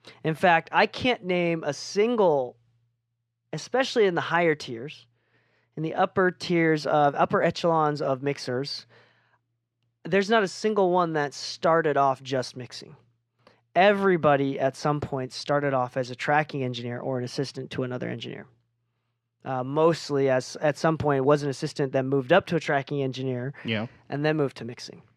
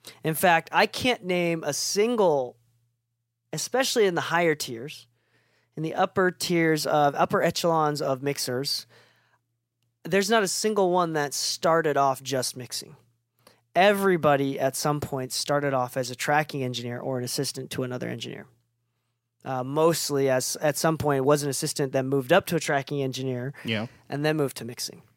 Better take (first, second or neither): second